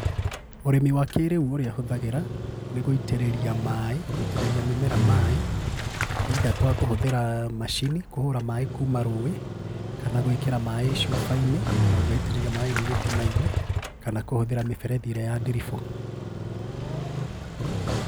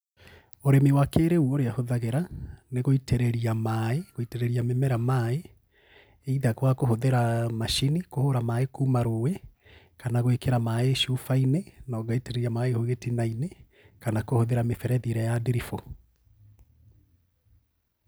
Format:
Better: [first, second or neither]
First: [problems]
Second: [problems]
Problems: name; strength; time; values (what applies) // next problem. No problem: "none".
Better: second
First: background sound (Motorcycle); 1 dB below the speech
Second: none